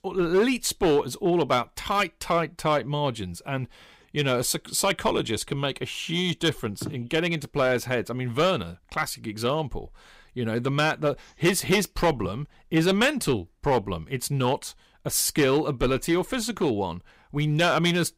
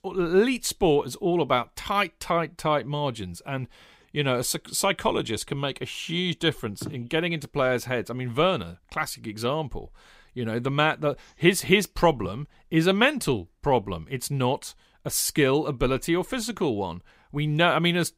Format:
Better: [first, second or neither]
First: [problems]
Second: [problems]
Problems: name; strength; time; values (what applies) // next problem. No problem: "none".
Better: second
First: distortion; slight; 4% of the sound clipped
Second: none